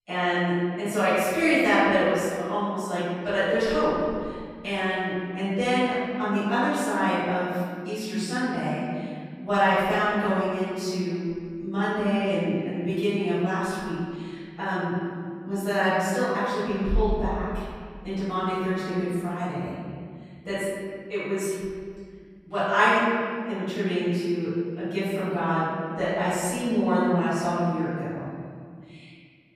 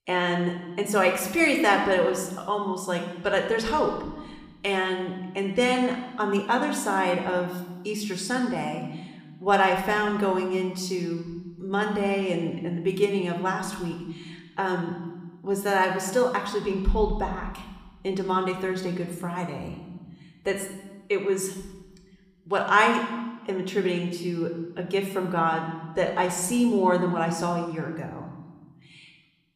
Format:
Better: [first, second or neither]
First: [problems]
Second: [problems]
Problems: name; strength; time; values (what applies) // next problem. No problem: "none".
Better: second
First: room echo; strong; dies away in 2 s // off-mic speech; far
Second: room echo; slight; dies away in 1 s